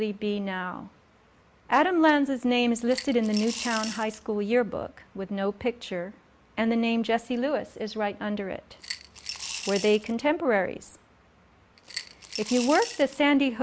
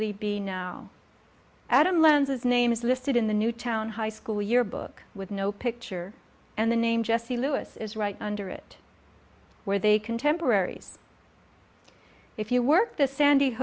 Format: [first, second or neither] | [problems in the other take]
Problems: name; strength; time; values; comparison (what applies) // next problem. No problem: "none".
second | background sound (Coin (dropping) / Glass); 11 dB below the speech